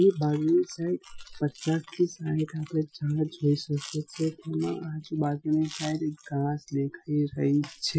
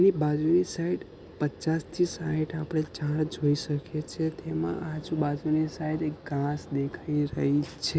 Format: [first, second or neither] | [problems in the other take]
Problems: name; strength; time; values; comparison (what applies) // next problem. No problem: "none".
second | noise reduction (classical method Wiener filter)